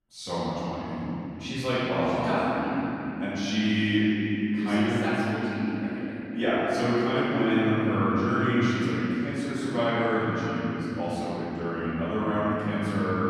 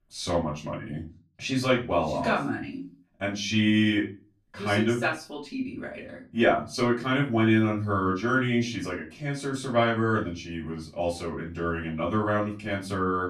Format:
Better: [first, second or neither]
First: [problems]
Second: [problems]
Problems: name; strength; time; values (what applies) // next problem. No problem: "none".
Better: second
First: room echo; strong; dies away in 3 s // off-mic speech; far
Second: room echo; slight; dies away in 0.3 s // off-mic speech; far